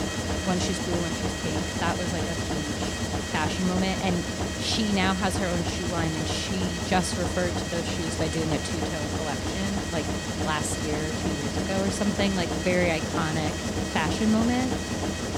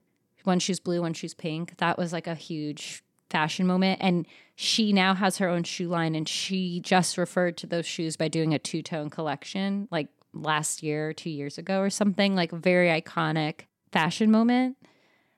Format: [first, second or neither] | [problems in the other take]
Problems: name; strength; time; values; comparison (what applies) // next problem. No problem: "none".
second | machinery noise; very loud; throughout; as loud as the speech